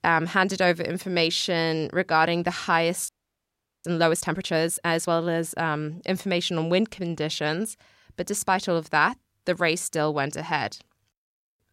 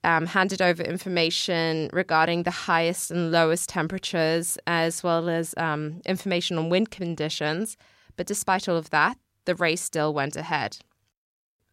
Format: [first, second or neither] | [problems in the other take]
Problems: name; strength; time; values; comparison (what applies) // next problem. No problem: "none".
second | audio freezing; at 3 s for 1 s